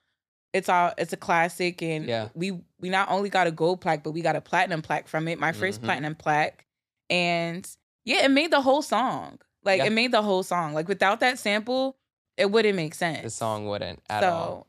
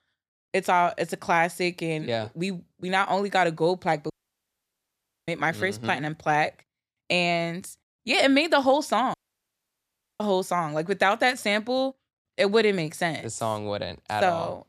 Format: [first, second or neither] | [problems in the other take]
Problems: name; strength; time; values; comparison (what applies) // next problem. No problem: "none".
first | audio cutting out; at 4 s for 1 s and at 9 s for 1 s